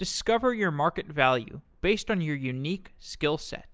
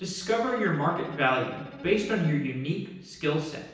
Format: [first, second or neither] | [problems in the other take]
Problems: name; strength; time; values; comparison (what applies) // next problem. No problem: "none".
first | background sound (Bowed string instrument); 17 dB below the speech // room echo; dies away in 0.9 s